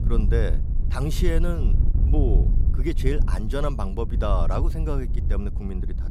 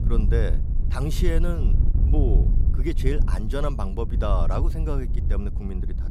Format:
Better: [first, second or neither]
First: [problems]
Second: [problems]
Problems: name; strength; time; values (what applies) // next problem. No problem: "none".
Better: first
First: wind noise on the microphone; occasional gusts; 10 dB below the speech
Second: wind noise on the microphone; heavy; 9 dB below the speech